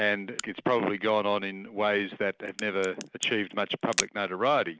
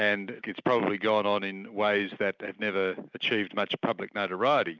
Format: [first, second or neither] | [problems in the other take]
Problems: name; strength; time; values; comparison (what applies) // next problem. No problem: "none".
second | background sound (Crack); 12 dB below the speech